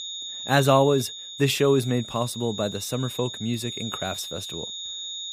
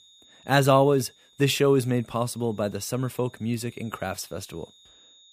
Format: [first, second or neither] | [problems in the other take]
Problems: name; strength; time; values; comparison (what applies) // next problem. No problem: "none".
second | high-pitched whine; loud; throughout; 3.5 kHz, 9 dB below the speech; faint in the second